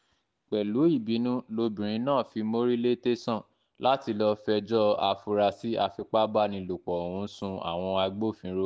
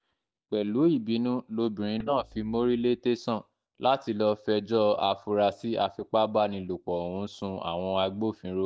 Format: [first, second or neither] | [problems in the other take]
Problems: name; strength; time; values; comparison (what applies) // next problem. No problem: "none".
first | noise reduction (neural mask model DeepFilterNet 3)